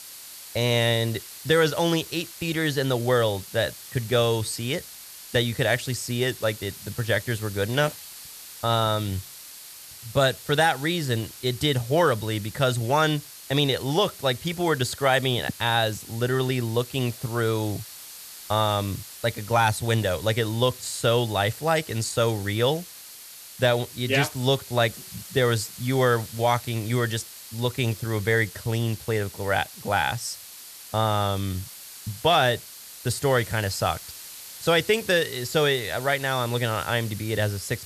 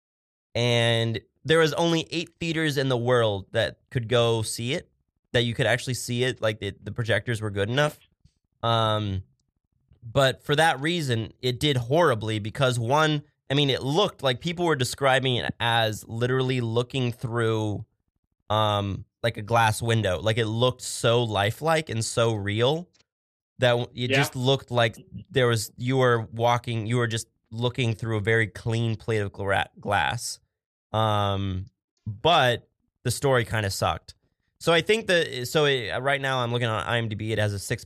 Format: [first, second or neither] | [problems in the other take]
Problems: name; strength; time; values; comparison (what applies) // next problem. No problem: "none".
second | hiss; noticeable; throughout; 15 dB below the speech